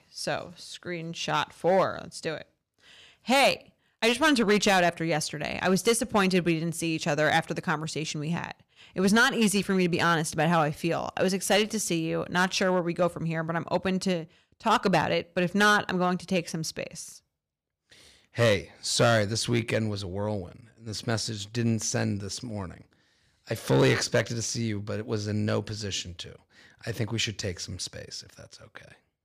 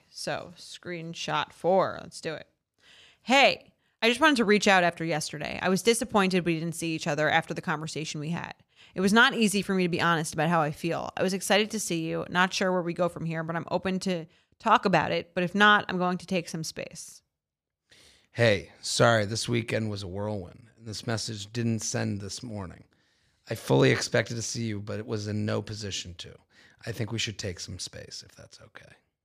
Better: second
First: distortion; slight; 3% of the sound clipped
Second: none

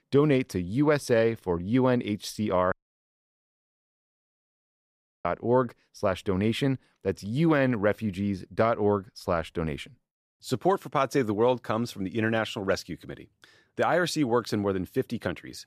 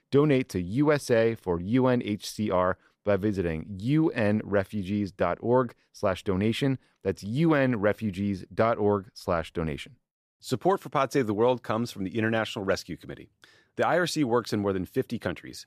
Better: second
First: audio cutting out; at 2.5 s for 2.5 s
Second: none

